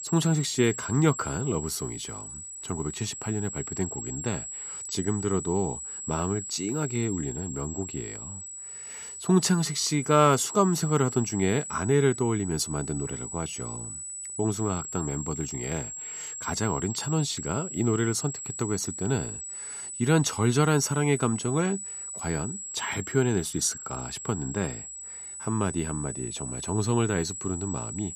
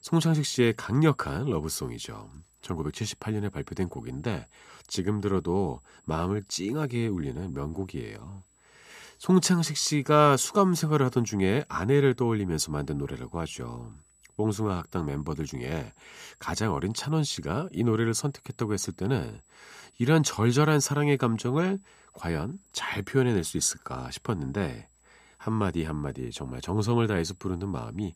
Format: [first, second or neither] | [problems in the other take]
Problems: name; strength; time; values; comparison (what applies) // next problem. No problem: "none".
second | high-pitched whine; loud; throughout; 7.5 kHz, 7 dB below the speech; faint in the second